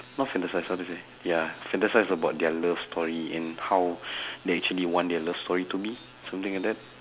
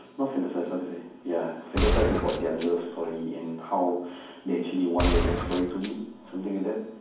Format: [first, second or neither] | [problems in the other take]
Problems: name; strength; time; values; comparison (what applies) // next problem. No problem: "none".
first | background sound (Gunshot, gunfire); as loud as the speech // room echo; dies away in 1.2 s